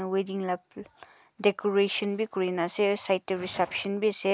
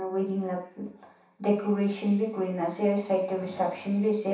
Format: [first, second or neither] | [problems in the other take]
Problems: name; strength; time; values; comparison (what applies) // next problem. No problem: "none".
first | room echo; dies away in 0.7 s